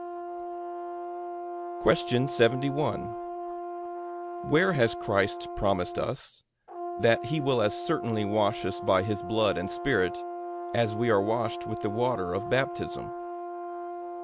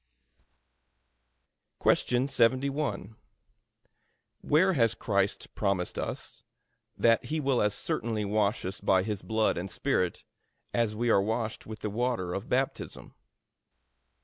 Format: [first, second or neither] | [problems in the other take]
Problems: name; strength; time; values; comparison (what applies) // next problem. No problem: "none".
second | background sound (Brass instrument); 7 dB below the speech